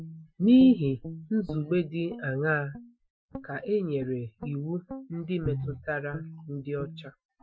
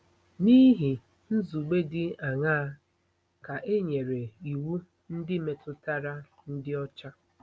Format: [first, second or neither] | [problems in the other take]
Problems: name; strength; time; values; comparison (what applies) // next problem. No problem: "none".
second | noise reduction (classical method Wiener filter)